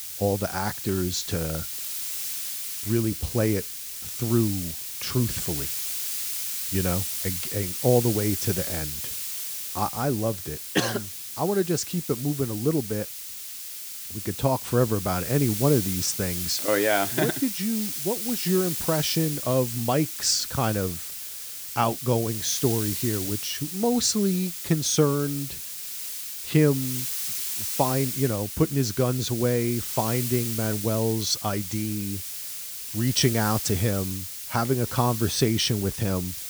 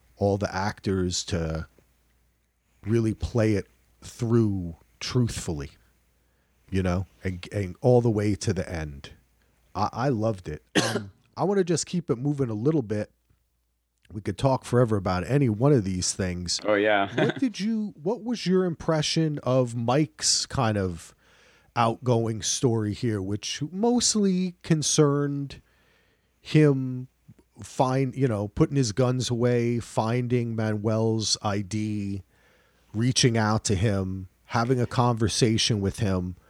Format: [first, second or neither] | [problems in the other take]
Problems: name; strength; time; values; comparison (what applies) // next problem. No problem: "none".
second | hiss; loud; throughout; 4 dB below the speech